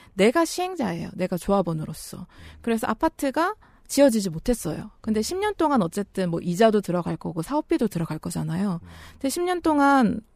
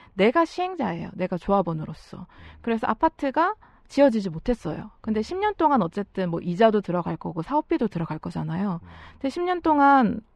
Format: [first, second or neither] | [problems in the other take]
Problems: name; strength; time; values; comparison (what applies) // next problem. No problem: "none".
first | muffled; slightly; fading above 3 kHz